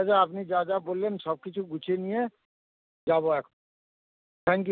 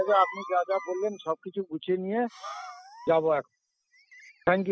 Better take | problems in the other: first | noise reduction (classical method spectral subtraction)

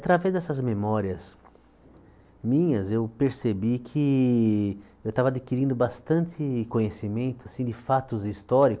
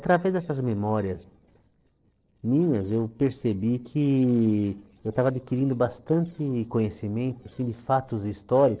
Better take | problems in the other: first | noise reduction (neural separator model SepFormer DNS4)

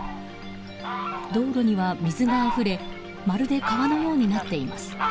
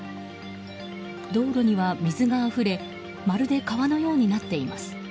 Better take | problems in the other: second | background sound (Fowl); 7 dB below the speech

